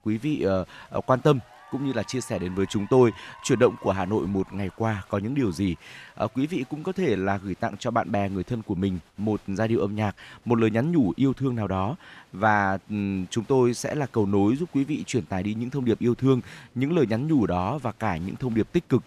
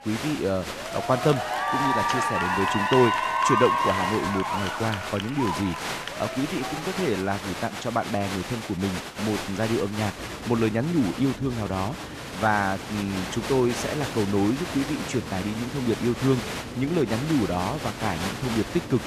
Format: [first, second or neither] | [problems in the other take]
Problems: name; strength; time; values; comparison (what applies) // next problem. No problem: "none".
first | crowd noise; loud; throughout; 3 dB below the speech; faint in the first